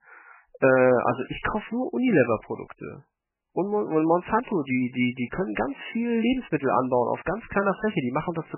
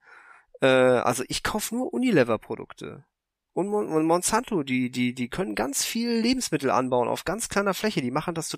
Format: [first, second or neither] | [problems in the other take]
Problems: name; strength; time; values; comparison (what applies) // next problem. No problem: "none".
second | garbled, watery; badly; nothing above 3 kHz